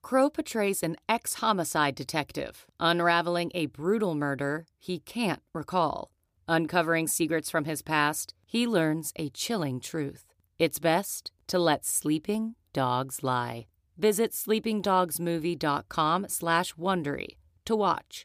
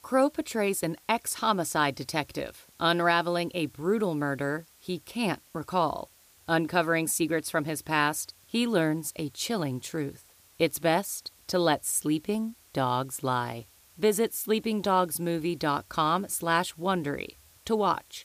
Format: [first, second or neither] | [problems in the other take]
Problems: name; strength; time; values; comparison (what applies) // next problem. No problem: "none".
first | hiss; faint; throughout; 30 dB below the speech